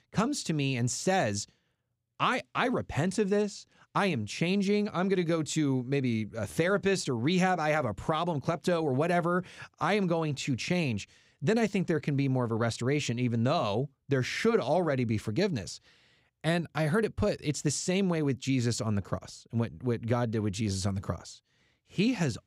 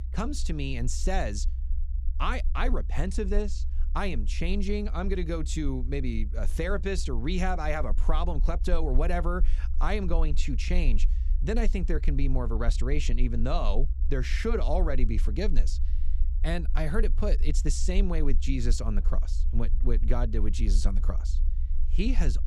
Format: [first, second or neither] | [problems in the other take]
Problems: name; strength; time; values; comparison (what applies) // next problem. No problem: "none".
first | low rumble; noticeable; throughout; 20 dB below the speech